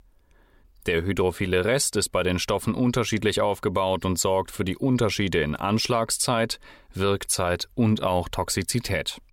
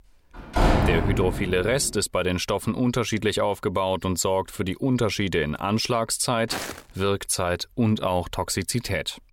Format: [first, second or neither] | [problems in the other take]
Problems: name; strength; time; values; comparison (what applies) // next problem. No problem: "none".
first | door banging; loud; from 0.5 to 1.5 s; peak 4 dB above the speech // footsteps; noticeable; at 6.5 s; peak 7 dB below the speech